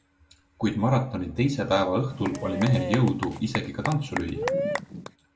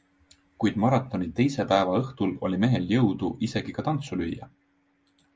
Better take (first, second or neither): second